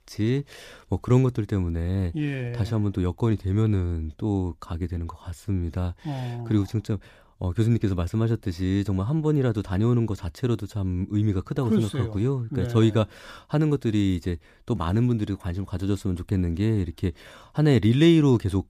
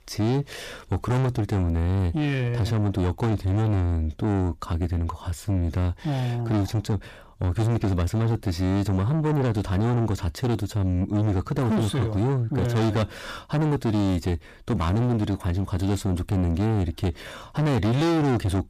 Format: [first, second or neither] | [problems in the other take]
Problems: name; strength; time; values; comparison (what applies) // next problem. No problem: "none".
first | distortion; heavy; 6 dB below the speech